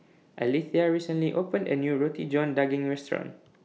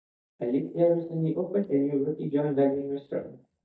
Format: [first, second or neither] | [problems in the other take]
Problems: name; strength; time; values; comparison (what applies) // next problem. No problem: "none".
first | noise reduction (neural mask model DeepFilterNet 3)